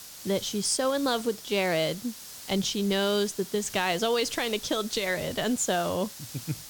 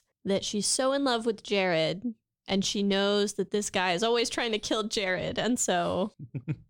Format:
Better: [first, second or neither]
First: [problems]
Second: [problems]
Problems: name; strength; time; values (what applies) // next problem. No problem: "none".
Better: second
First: hiss; noticeable; throughout; 15 dB below the speech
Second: none